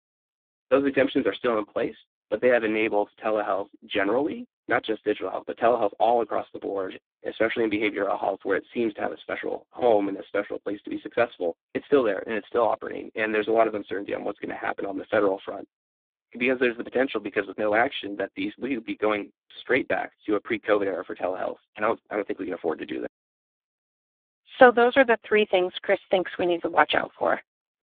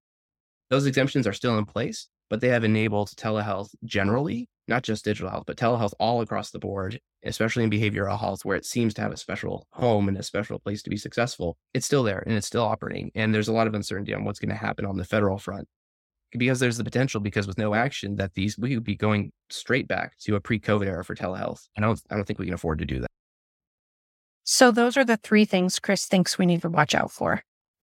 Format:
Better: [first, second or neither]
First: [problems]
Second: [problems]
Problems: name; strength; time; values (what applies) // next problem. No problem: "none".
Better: second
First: phone-call audio; poor line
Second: none